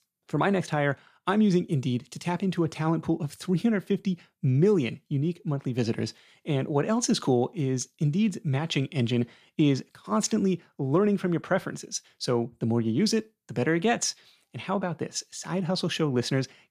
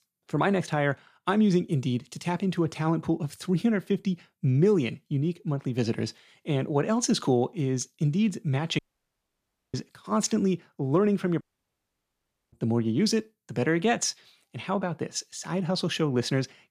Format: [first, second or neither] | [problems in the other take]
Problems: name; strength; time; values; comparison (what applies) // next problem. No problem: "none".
first | audio cutting out; at 9 s for 1 s and at 11 s for 1 s